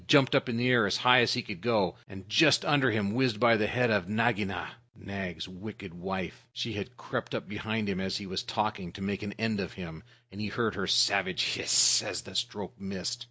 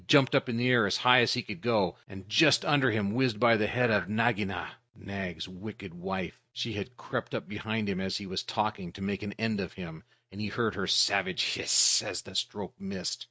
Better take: first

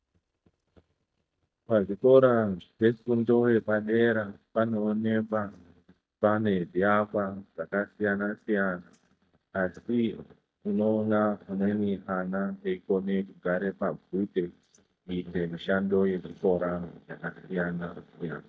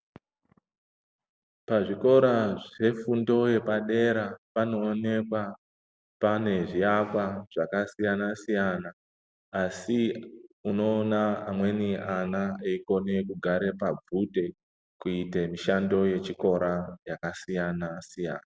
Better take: second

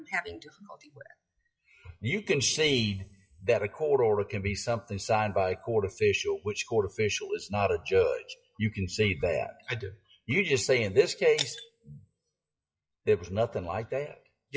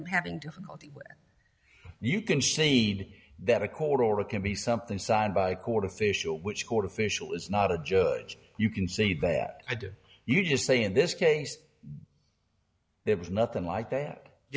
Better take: second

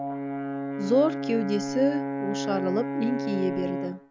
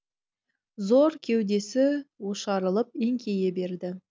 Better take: second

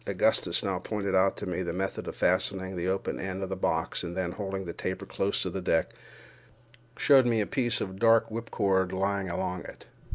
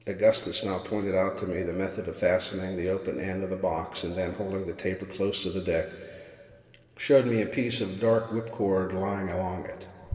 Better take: first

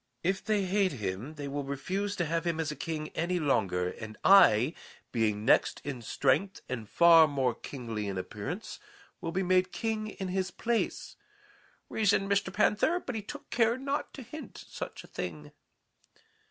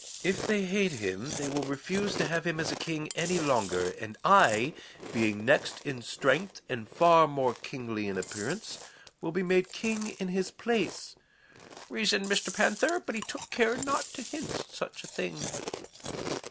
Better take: first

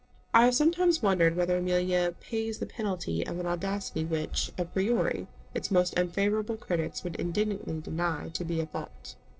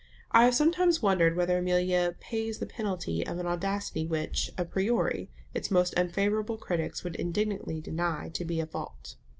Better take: second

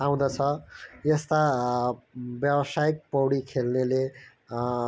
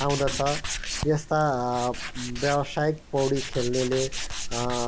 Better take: first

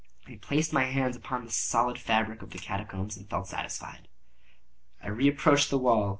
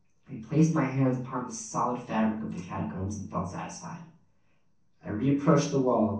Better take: first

